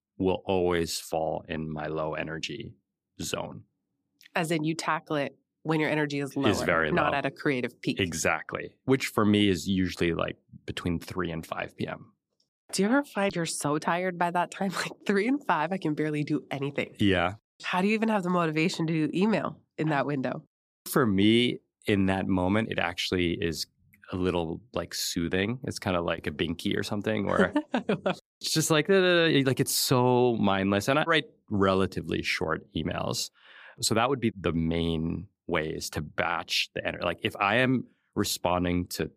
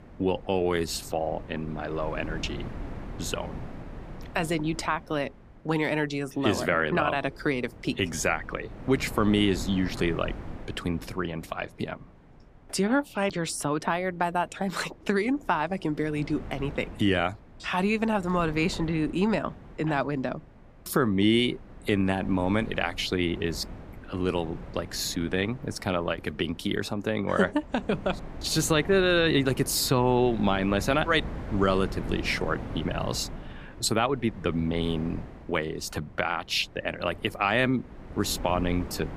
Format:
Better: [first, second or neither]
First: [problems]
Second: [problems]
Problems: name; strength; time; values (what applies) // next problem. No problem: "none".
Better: first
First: none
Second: wind noise on the microphone; occasional gusts; 20 dB below the speech